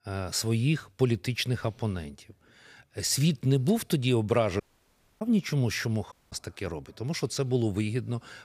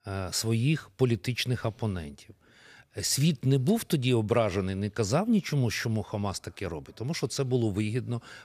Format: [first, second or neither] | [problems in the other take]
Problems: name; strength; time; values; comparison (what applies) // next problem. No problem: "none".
second | audio cutting out; at 4.5 s for 0.5 s and at 6 s